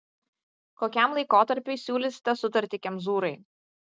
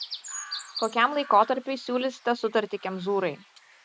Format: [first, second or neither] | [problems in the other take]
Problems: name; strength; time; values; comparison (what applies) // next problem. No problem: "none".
first | background sound (Chirp, tweet); 14 dB below the speech